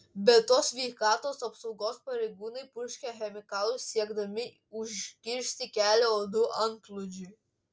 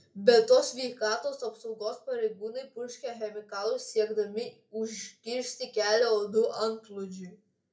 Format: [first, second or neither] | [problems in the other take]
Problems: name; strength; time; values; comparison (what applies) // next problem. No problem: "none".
first | room echo; dies away in 0.3 s